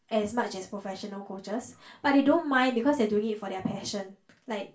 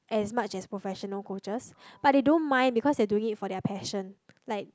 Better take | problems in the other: second | room echo; dies away in 0.3 s

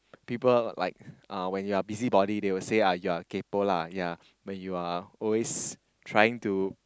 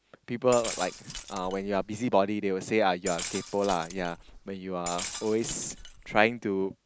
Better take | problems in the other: first | background sound (Glass); 12 dB below the speech

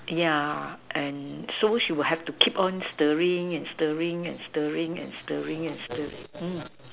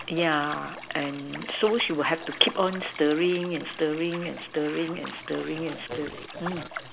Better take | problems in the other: first | background sound (Liquid); 14 dB below the speech

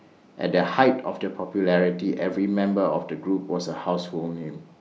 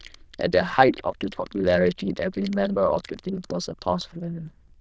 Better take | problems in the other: first | noise reduction (neural diffusion model UNIVERSE++)

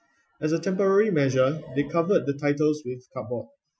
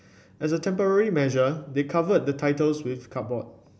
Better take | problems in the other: second | noise reduction (classical method Wiener filter)

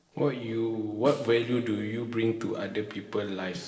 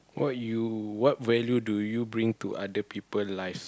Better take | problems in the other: second | noise reduction (neural separator model SepFormer DNS4)

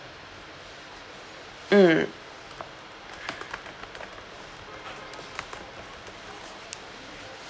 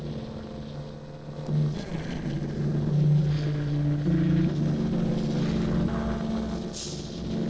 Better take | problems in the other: first | noise reduction (neural separator model SepFormer DNS4)

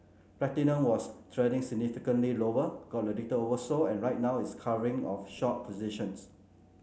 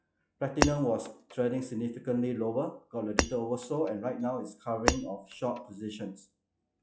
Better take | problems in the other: first | noise reduction (classical method log-MMSE)

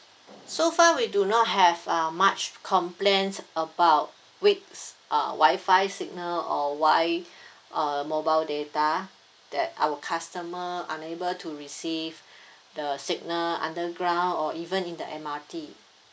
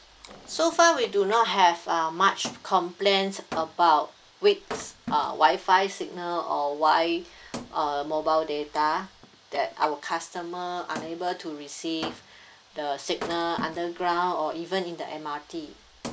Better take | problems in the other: first | background sound (Wood); 18 dB below the speech

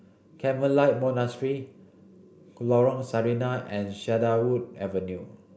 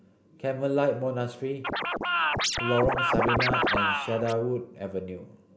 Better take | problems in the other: first | background sound (Scratching (performance technique)); 3 dB above the speech

